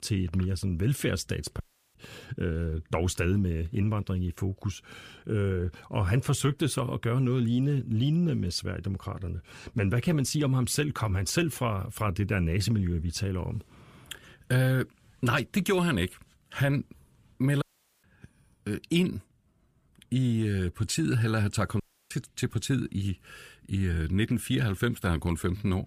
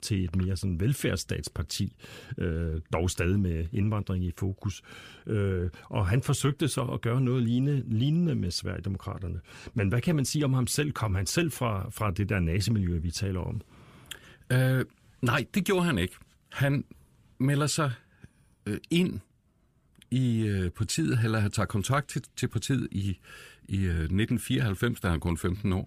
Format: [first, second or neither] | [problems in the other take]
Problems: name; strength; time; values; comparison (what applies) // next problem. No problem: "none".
second | audio cutting out; at 1.5 s, at 18 s and at 22 s